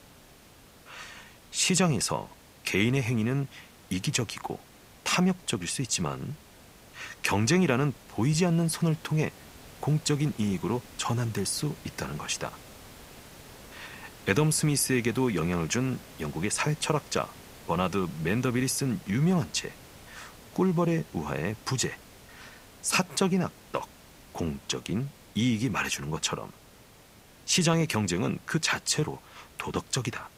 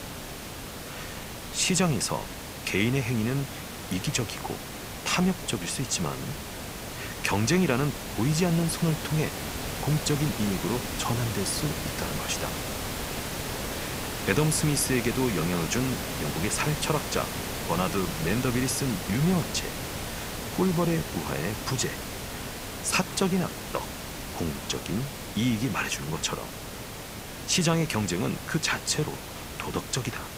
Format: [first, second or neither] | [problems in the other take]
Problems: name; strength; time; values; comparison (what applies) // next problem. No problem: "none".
first | hiss; loud; throughout; 6 dB below the speech; faint in the first